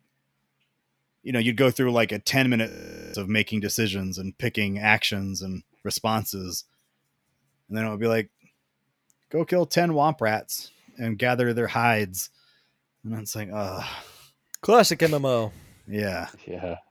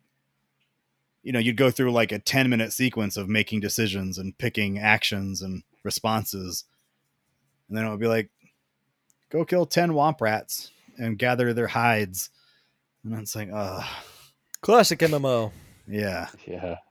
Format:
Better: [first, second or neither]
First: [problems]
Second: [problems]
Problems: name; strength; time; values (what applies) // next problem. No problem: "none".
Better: second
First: audio freezing; at 2.5 s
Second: none